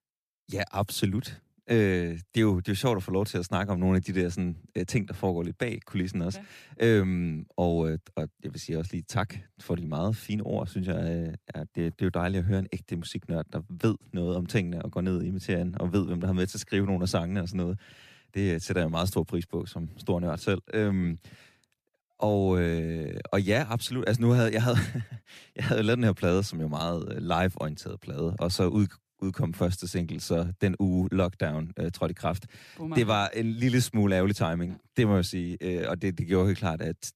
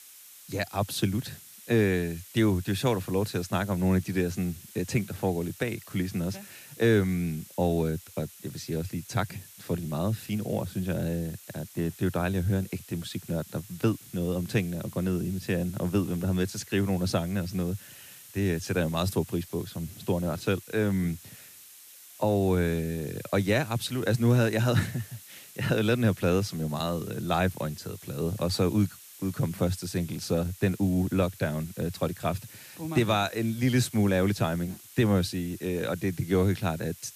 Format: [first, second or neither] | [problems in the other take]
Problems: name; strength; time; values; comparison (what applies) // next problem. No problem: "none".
first | hiss; noticeable; throughout; 20 dB below the speech